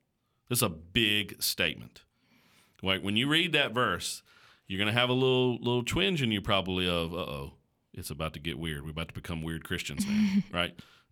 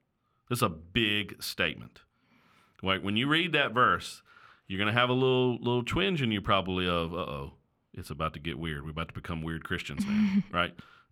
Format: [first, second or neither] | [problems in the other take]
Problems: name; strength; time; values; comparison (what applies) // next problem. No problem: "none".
first | muffled; slightly; fading above 4 kHz